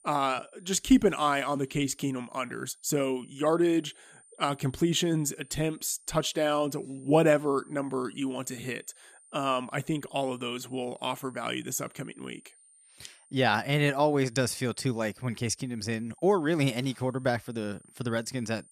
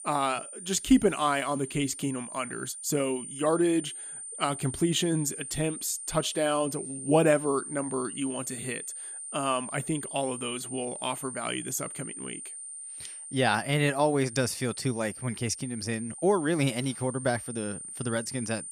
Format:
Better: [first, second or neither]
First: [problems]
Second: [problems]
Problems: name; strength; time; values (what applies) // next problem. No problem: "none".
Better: first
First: high-pitched whine; faint; throughout; 9 kHz, 25 dB below the speech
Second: high-pitched whine; loud; throughout; 9 kHz, 9 dB below the speech